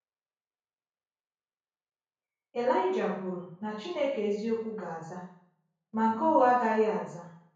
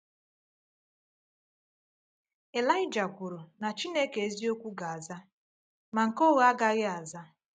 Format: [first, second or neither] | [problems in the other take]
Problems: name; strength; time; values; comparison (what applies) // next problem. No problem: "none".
second | room echo; dies away in 0.6 s